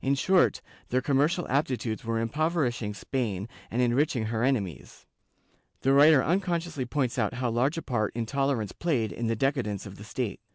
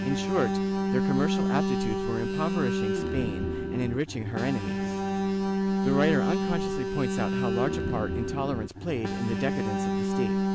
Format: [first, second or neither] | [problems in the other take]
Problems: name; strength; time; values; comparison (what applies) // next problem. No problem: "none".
first | background sound (Alarm); 3 dB above the speech